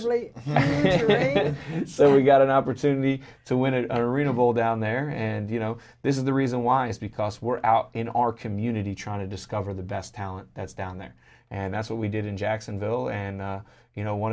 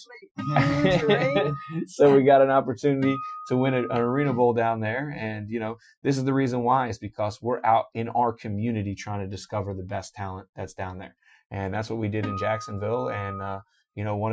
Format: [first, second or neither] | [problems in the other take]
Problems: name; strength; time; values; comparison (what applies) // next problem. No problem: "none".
first | noise reduction (classical method Wiener filter)